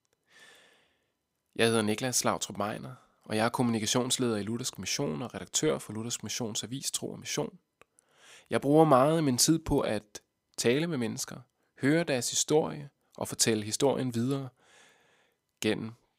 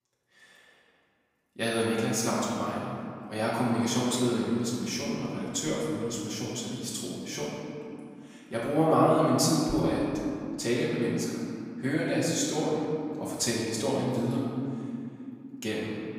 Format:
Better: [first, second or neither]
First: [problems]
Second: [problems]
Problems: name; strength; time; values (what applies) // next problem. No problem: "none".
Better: first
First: none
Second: room echo; strong; dies away in 2.5 s // off-mic speech; far